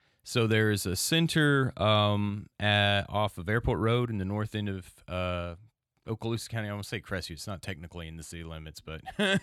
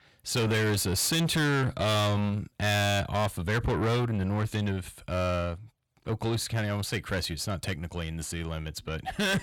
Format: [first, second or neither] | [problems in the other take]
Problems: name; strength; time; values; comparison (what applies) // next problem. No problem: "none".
first | distortion; heavy; 6 dB below the speech